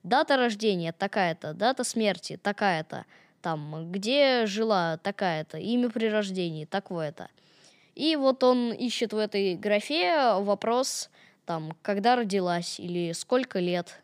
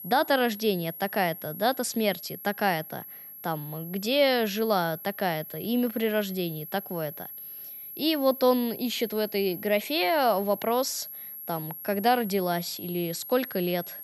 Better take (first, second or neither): first